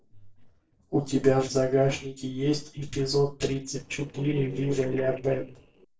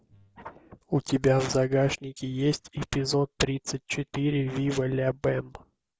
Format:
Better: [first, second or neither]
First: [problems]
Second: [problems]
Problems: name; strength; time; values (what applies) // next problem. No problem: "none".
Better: second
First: noise reduction (neural separator model SepFormer DNS4)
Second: none